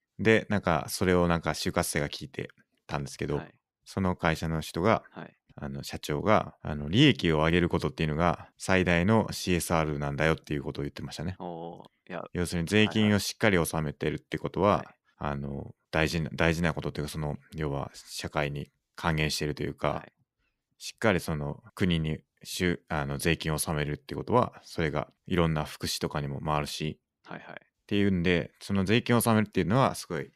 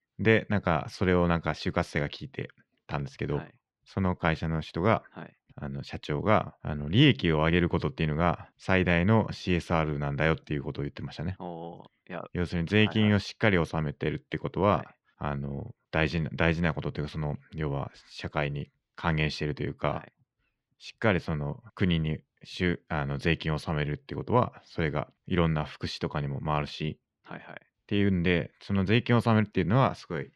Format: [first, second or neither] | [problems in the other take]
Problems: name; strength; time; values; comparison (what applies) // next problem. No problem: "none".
first | muffled; very slightly; fading above 3 kHz